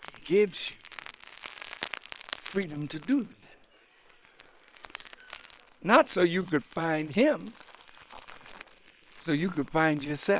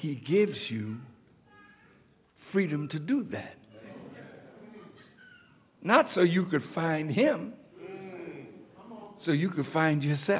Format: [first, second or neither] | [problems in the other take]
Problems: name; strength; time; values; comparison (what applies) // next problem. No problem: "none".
second | noise reduction (neural separator model SepFormer WHAM!)